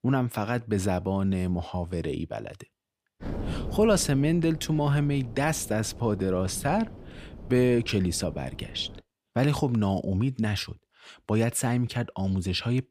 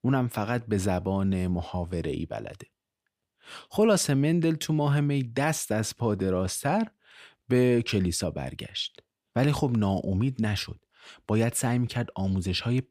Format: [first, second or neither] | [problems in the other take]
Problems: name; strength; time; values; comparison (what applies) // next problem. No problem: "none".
second | wind noise on the microphone; occasional gusts; from 3 to 9 s; 15 dB below the speech